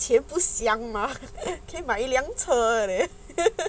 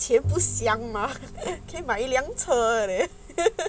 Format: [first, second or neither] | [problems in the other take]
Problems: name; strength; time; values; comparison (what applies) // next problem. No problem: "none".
first | background sound (Bowed string instrument); 10 dB below the speech